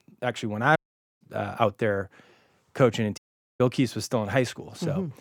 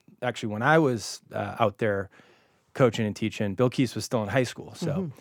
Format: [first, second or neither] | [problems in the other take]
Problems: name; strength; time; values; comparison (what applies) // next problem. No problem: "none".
second | audio cutting out; at 1 s and at 3 s